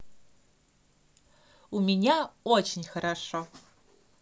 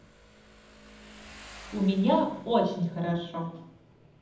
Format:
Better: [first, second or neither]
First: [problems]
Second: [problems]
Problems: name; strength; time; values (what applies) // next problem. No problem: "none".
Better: first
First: none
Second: background sound (Motorcycle); 20 dB below the speech // room echo; dies away in 0.8 s